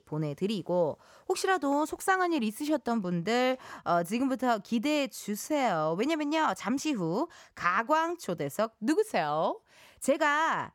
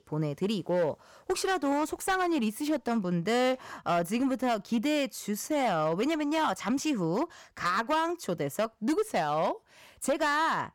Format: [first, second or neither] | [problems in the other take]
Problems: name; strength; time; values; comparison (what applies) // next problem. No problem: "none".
first | distortion; slight; 8% of the sound clipped